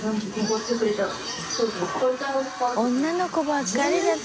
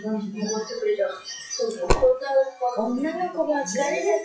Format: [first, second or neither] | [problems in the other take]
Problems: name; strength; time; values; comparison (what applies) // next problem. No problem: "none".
first | noise reduction (classical method WPE with log-MMSE)